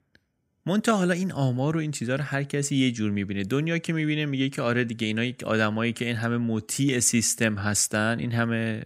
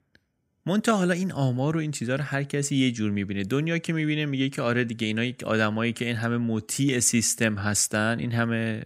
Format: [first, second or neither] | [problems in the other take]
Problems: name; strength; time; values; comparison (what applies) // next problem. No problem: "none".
neither | none